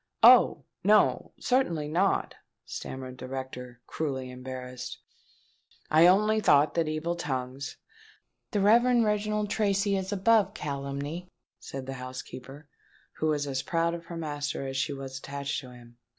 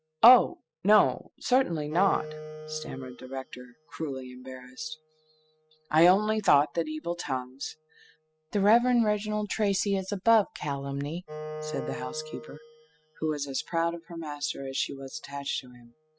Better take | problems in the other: first | noise reduction (classical method spectral subtraction)

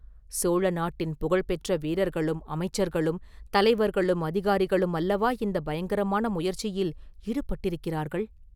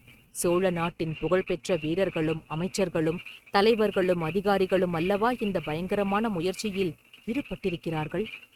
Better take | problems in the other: first | noise reduction (neural mask model RNNoise)

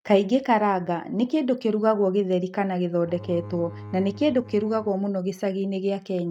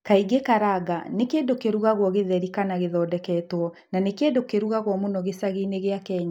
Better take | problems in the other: second | noise reduction (neural mask model RNNoise)

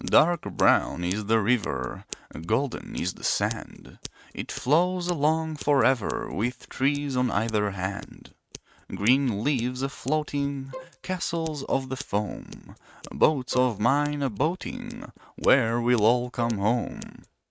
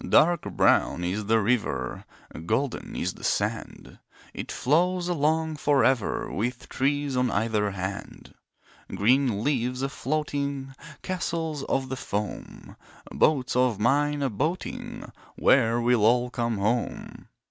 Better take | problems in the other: second | noise reduction (neural mask model RNNoise)

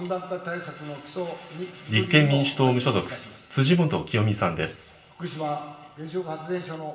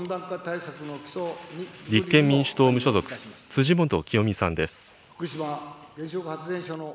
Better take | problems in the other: second | room echo; dies away in 0.4 s

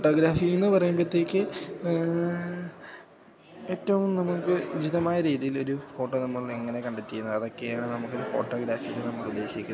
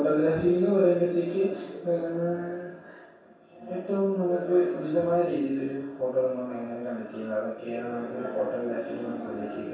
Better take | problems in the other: first | room echo; dies away in 0.7 s

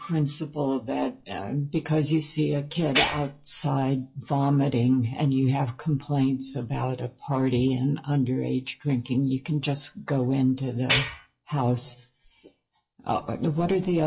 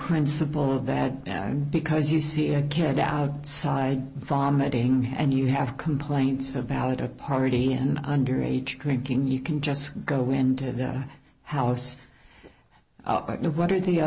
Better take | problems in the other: second | noise reduction (classical method WPE with log-MMSE)

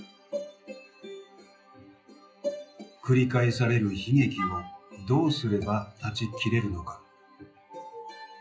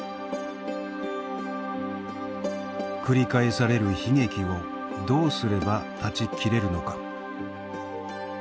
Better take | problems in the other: second | noise reduction (classical method WPE with log-MMSE)

